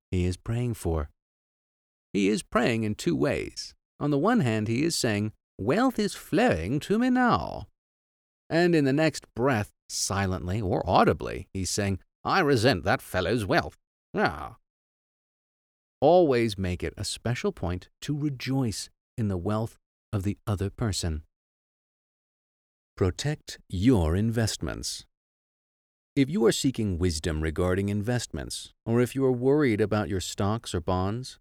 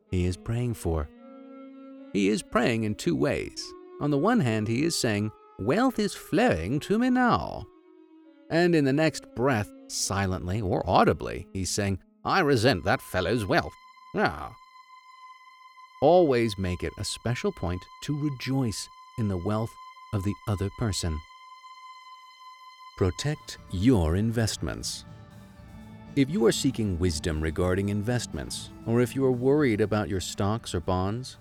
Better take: first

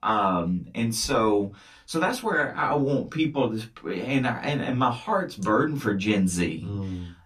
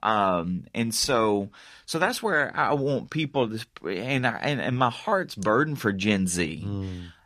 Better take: second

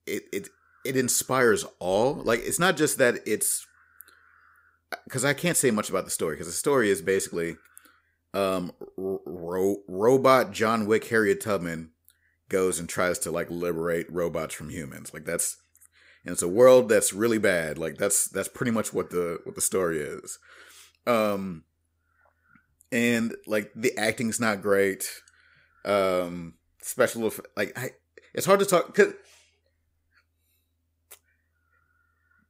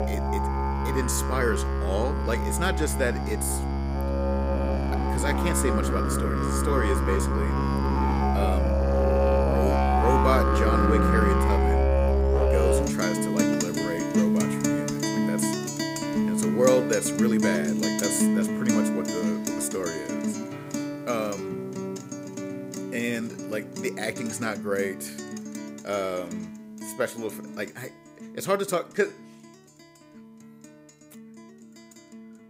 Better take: first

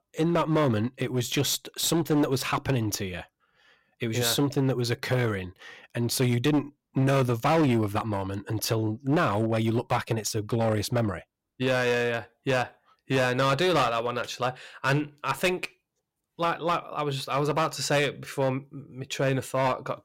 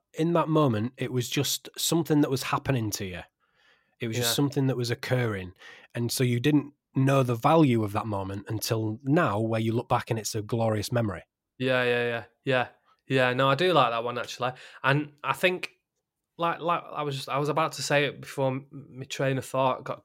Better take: second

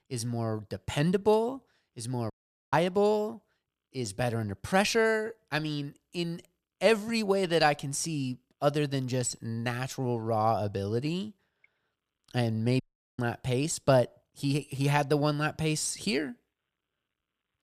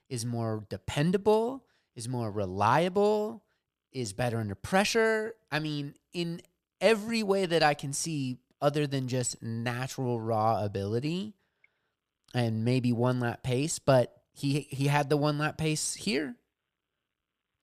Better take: second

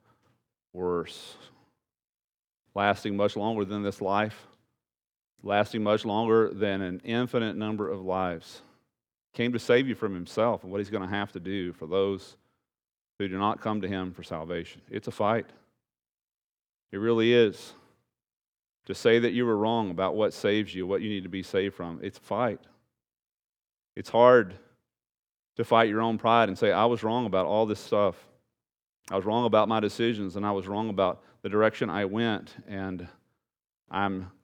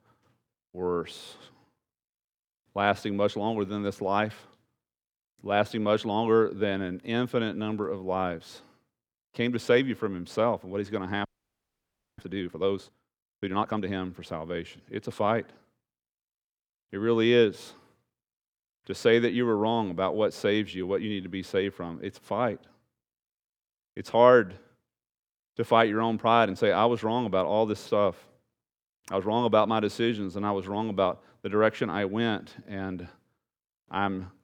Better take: first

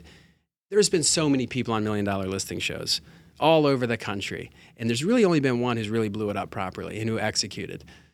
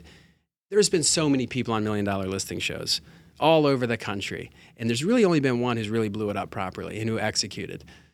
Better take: neither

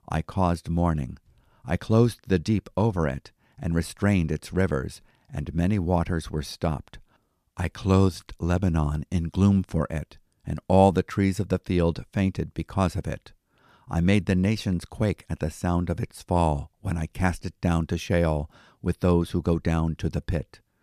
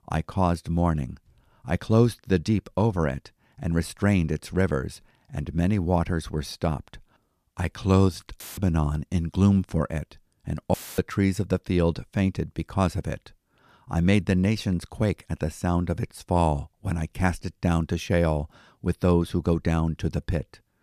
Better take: first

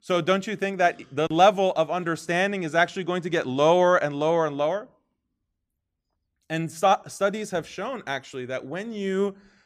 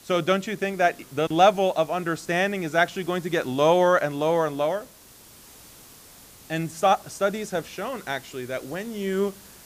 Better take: first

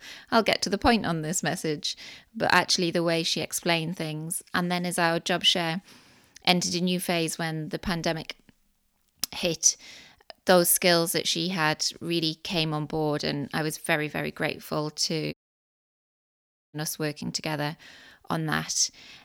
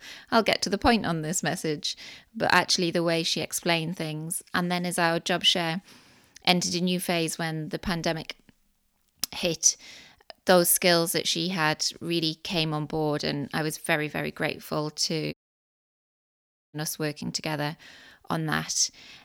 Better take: neither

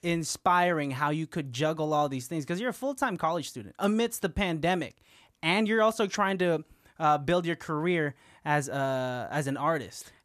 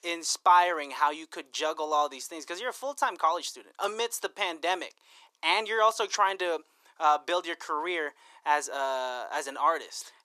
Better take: first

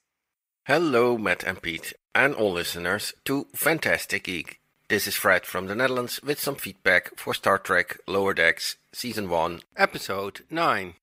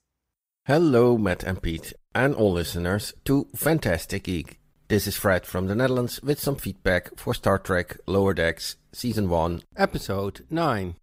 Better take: second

